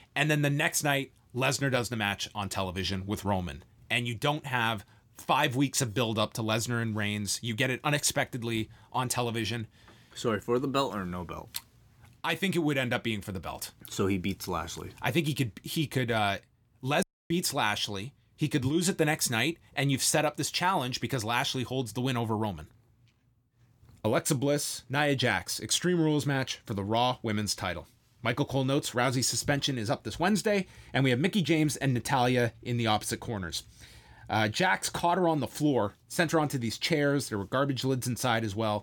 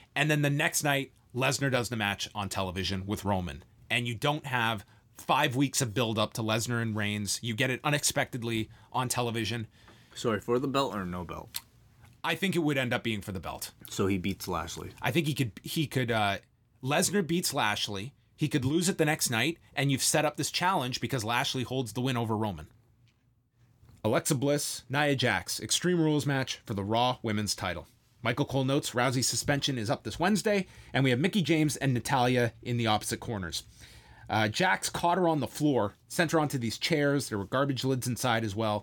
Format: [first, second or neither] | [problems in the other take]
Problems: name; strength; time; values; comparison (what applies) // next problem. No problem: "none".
second | audio cutting out; at 17 s